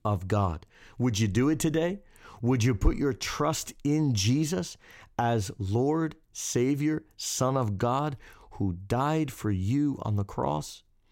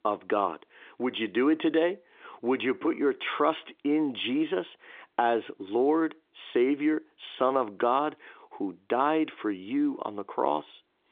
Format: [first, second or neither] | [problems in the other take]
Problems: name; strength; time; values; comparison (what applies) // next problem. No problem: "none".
first | phone-call audio; nothing above 3.5 kHz